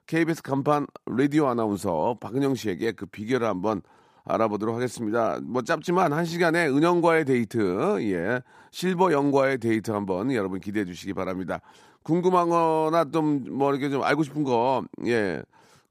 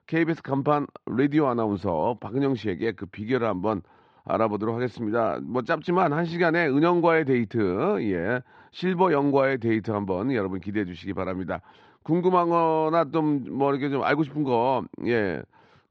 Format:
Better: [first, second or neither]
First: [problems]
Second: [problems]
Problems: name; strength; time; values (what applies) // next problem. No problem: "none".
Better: first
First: none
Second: muffled; very slightly; fading above 4 kHz